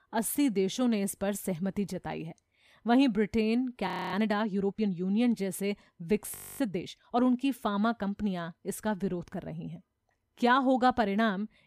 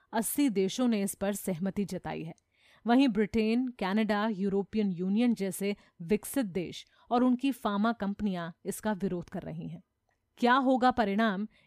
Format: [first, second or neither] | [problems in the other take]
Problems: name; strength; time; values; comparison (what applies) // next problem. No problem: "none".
second | audio freezing; at 4 s and at 6.5 s